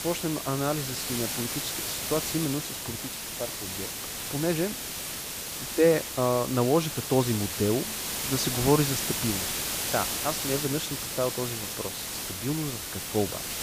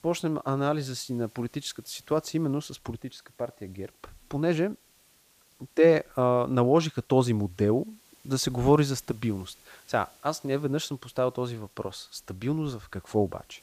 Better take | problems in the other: second | hiss; loud; throughout; 2 dB below the speech; faint in the second

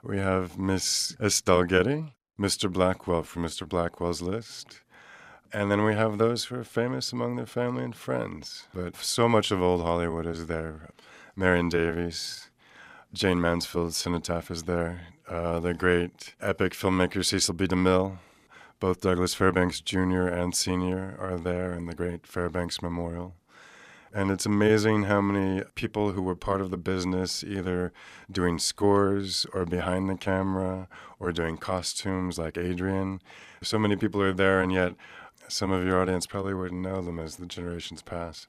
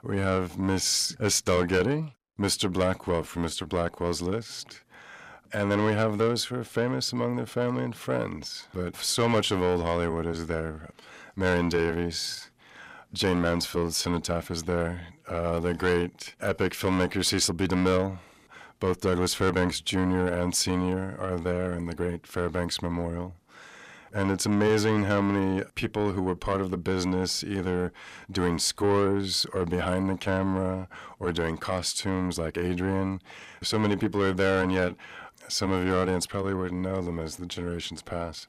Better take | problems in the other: first | distortion; slight; 10 dB below the speech

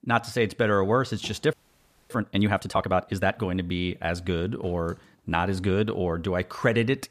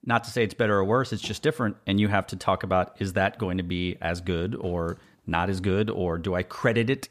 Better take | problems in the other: second | audio freezing; at 1.5 s for 0.5 s

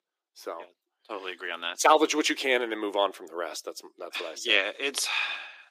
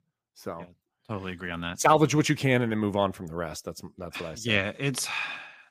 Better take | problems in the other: second | thin; very; fading below 350 Hz

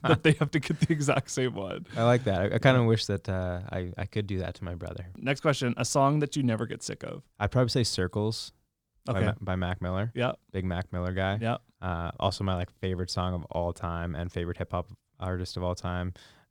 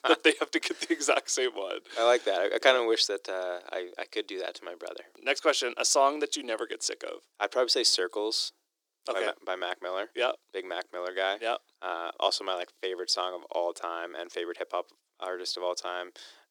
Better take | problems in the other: first | thin; very; fading below 350 Hz

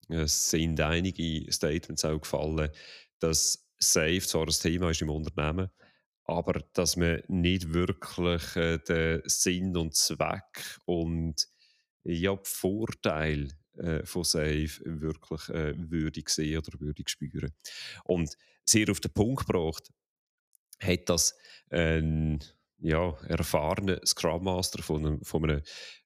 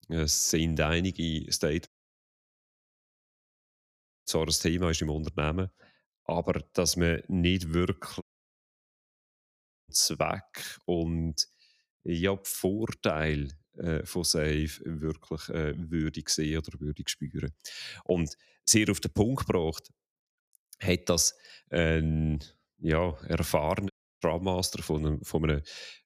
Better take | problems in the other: first | audio cutting out; at 2 s for 2.5 s, at 8 s for 1.5 s and at 24 s

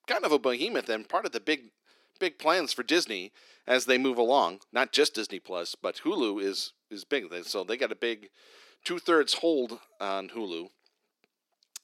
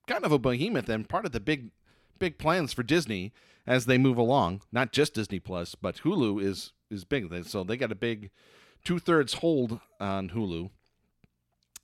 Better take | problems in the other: second | thin; somewhat; fading below 300 Hz

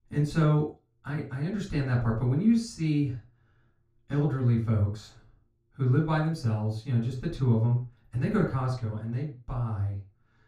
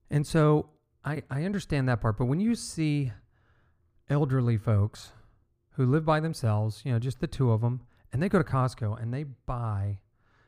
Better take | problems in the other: second | room echo; noticeable; dies away in 0.3 s // off-mic speech; far

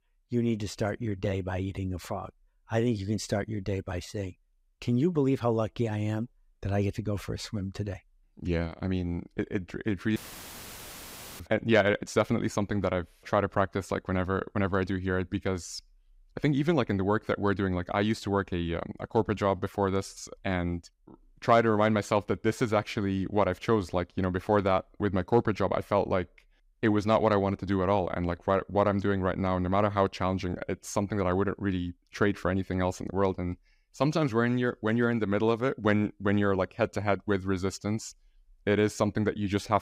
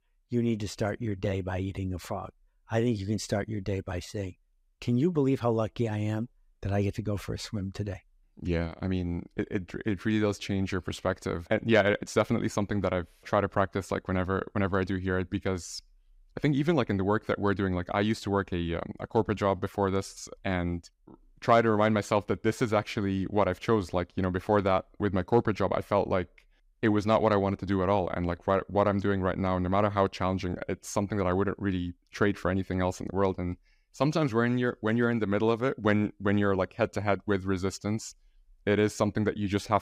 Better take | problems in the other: second | audio cutting out; filled with static; at 10 s for 1 s

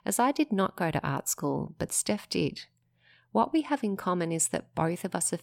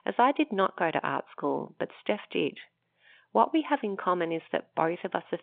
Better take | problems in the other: first | phone-call audio

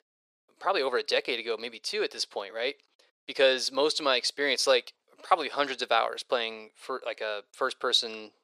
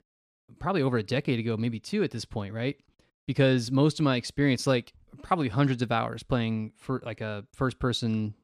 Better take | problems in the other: second | thin; very; fading below 500 Hz

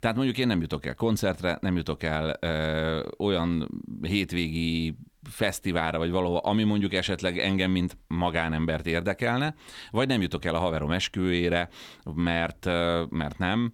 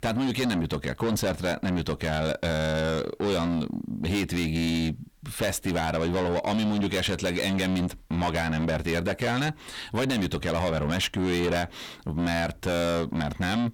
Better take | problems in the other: first | distortion; heavy; 7 dB below the speech

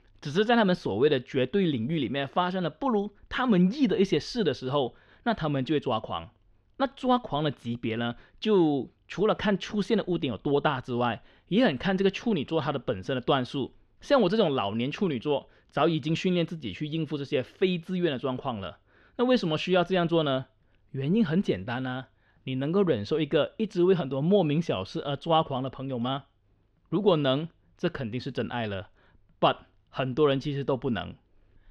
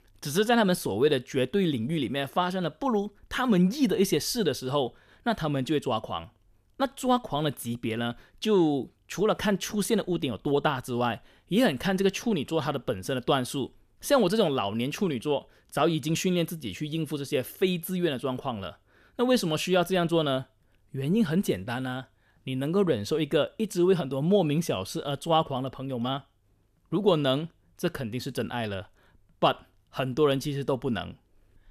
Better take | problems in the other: second | muffled; very slightly; fading above 4 kHz

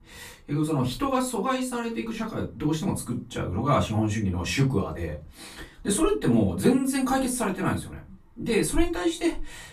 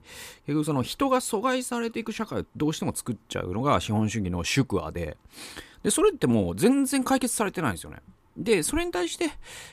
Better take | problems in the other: second | off-mic speech; far // room echo; very slight; dies away in 0.2 s

